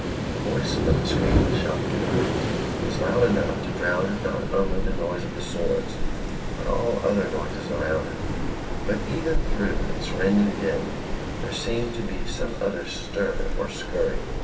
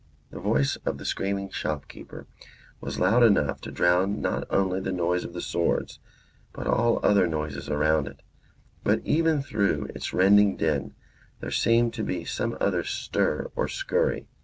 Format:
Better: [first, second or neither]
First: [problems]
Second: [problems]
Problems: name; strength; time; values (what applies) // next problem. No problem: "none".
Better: second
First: background sound (Waves, surf); 1 dB above the speech // room echo; dies away in 2.5 s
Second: none